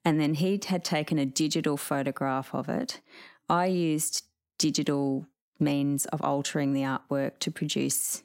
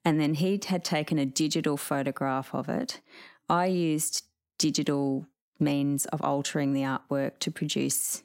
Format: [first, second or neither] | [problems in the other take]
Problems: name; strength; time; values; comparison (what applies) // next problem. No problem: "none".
neither | none